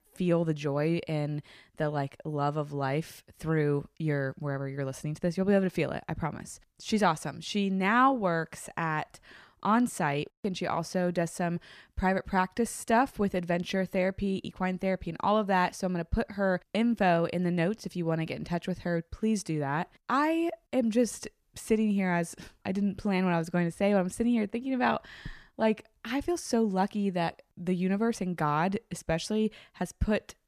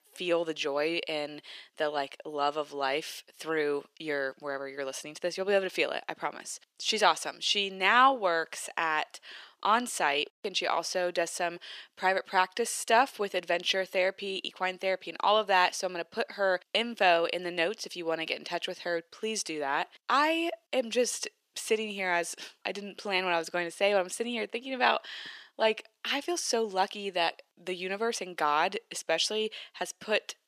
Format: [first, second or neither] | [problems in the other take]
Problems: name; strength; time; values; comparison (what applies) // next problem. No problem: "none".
first | thin; very; fading below 400 Hz